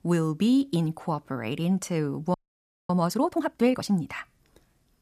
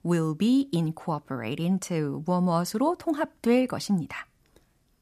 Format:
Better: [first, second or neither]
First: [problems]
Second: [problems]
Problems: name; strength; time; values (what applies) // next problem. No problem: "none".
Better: second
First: audio freezing; at 2.5 s for 0.5 s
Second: none